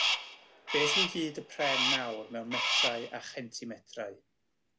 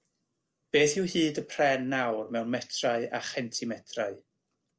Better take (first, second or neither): second